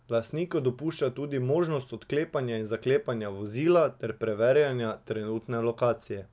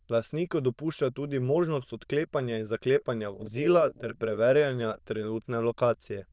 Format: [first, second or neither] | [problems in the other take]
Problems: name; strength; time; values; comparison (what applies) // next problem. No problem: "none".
first | noise reduction (neural diffusion model UNIVERSE++)